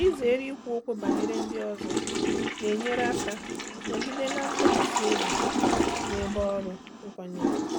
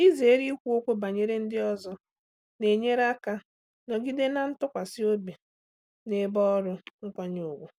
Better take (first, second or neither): second